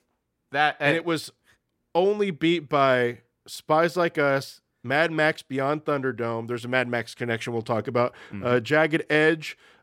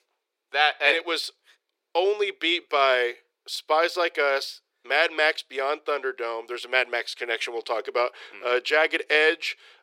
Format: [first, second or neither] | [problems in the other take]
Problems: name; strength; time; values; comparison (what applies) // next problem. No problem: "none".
first | thin; very; fading below 400 Hz